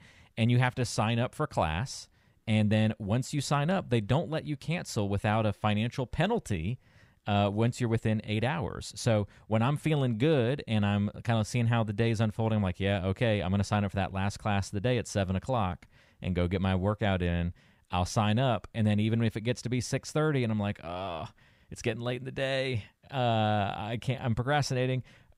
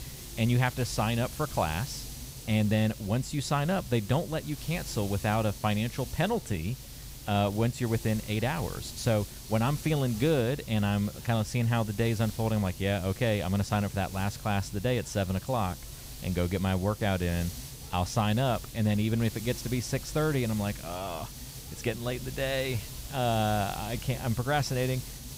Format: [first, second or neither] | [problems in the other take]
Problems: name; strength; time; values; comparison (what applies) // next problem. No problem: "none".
first | hiss; noticeable; throughout; 10 dB below the speech